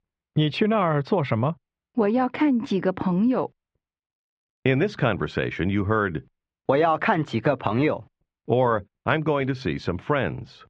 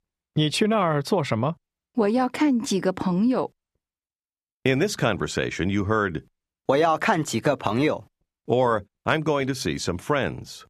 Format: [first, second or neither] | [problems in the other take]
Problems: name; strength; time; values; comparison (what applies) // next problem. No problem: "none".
second | muffled; slightly; fading above 3 kHz